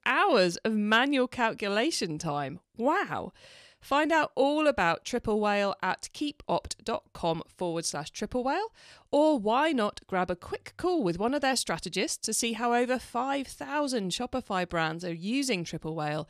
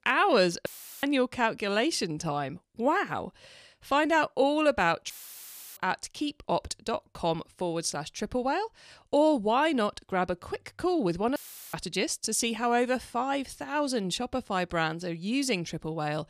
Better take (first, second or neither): first